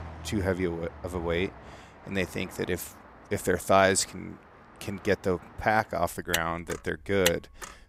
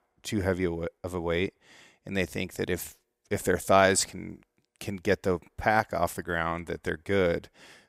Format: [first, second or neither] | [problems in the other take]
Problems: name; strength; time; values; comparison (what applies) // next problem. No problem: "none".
second | traffic noise; loud; throughout; 9 dB below the speech